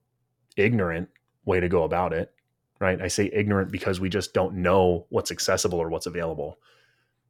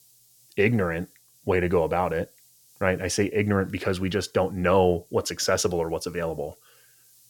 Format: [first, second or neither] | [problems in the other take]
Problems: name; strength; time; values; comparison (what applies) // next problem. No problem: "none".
first | hiss; faint; throughout; 30 dB below the speech